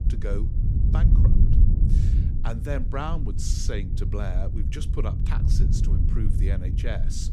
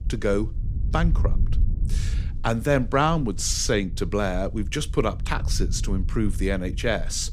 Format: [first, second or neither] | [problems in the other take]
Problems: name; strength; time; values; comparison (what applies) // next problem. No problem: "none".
second | low rumble; loud; throughout; 3 dB below the speech; faint in the second